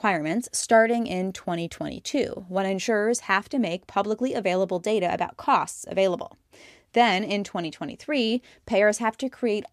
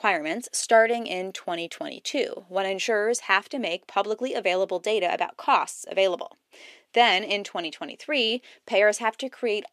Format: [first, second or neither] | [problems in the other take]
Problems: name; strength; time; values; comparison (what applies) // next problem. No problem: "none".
first | thin; somewhat; fading below 400 Hz